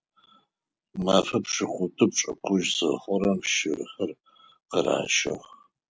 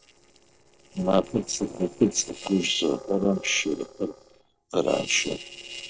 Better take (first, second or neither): first